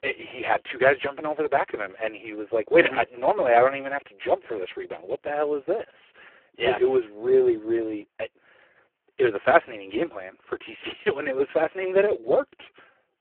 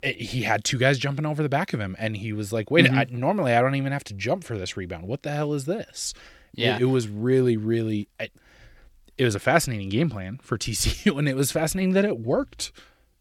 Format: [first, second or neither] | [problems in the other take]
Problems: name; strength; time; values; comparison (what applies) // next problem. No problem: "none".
second | phone-call audio; poor line